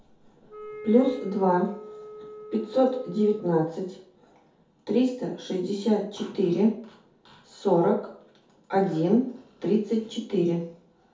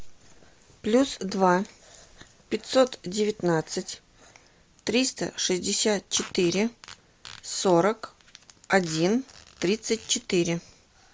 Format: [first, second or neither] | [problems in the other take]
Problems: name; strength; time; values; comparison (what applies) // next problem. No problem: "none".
second | background sound (Wind instrument, woodwind instrument); 15 dB below the speech // room echo; dies away in 0.5 s